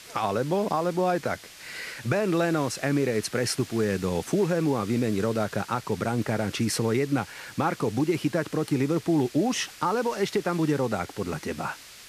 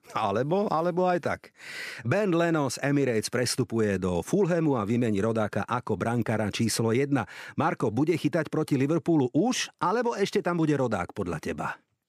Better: second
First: hiss; noticeable; throughout; 15 dB below the speech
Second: none

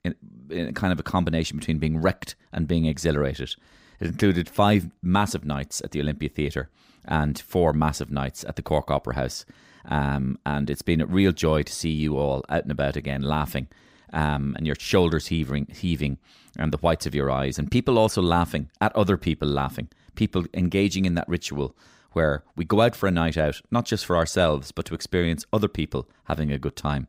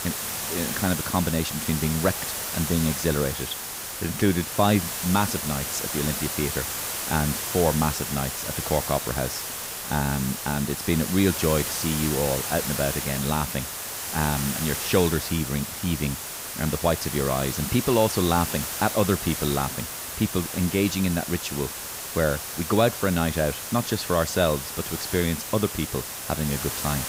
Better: first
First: none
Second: hiss; loud; throughout; 3 dB below the speech

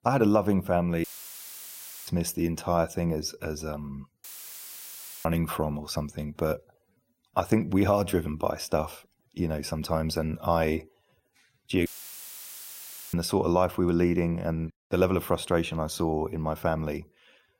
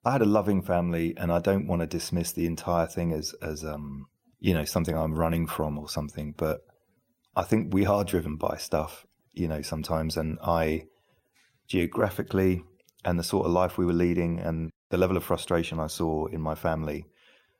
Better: second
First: audio cutting out; filled with static; at 1 s for 1 s, at 4 s for 1 s and at 12 s for 1.5 s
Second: none

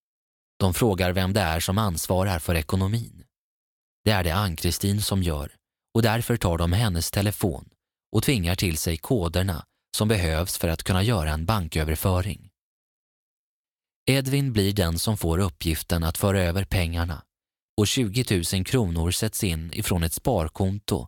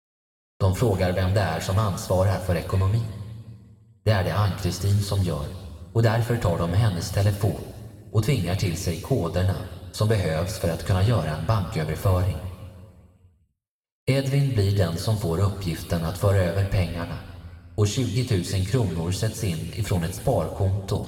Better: first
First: none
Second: room echo; noticeable; dies away in 1.8 s // off-mic speech; somewhat distant

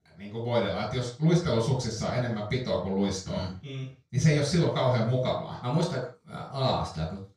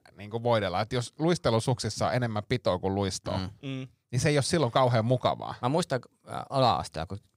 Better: second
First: room echo; noticeable; dies away in 0.3 s // off-mic speech; far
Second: none

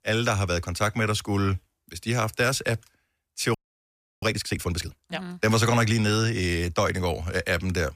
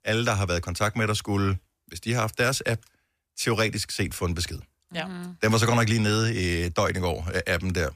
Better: second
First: audio freezing; at 3.5 s for 0.5 s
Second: none

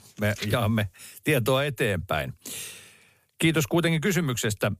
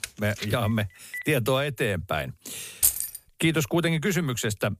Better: first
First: none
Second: keyboard typing; very faint; at the start; peak 10 dB below the speech // phone ringing; faint; at 0.5 s; peak 10 dB below the speech // jangling keys; loud; at 3 s; peak 5 dB above the speech

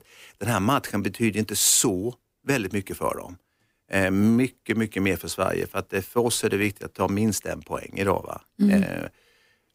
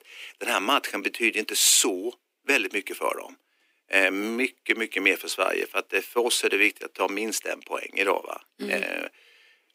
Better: first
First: none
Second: thin; somewhat; fading below 300 Hz

